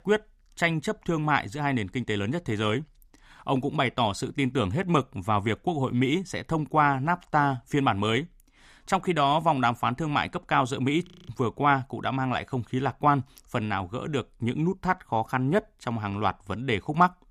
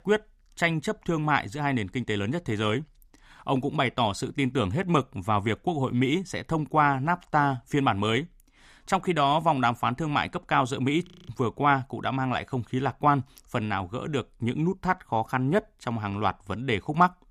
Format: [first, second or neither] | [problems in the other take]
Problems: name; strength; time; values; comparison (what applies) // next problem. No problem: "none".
neither | audio freezing; at 11 s; the same in both